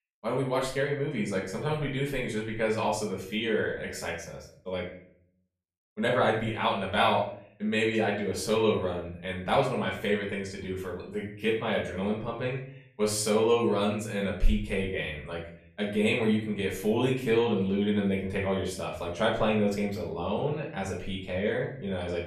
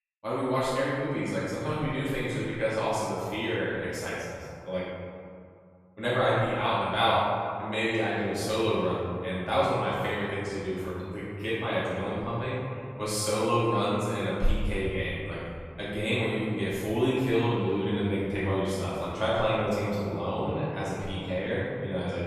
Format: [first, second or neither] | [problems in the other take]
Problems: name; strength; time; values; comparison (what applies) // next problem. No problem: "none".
first | room echo; strong; dies away in 2.1 s; slight in the first // off-mic speech; far; far in the first